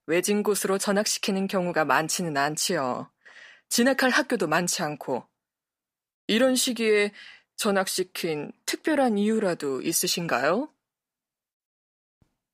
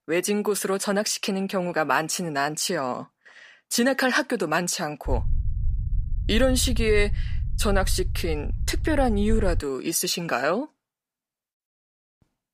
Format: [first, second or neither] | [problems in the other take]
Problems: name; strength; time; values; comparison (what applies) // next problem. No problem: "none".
first | low rumble; faint; from 5 to 9.5 s; 25 dB below the speech